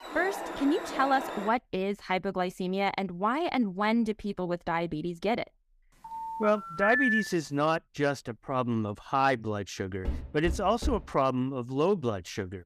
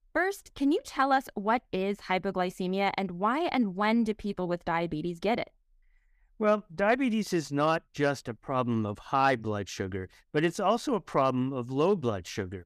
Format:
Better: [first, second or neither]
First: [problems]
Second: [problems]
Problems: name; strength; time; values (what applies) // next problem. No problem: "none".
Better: second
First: alarm; noticeable; until 1.5 s; peak 7 dB below the speech // phone ringing; loud; from 6 to 7.5 s; peak 4 dB above the speech // door banging; noticeable; at 10 s; peak 7 dB below the speech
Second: none